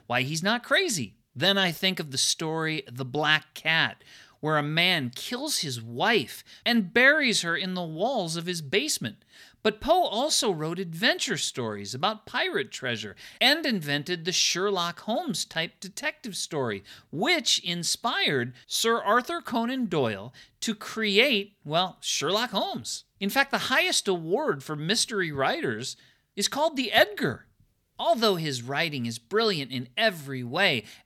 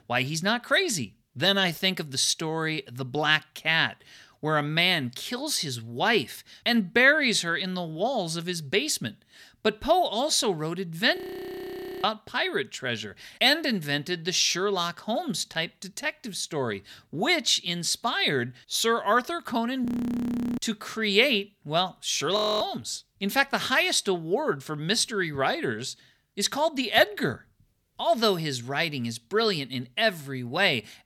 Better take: first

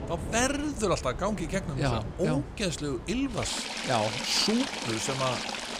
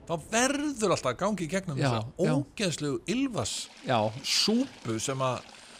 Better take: second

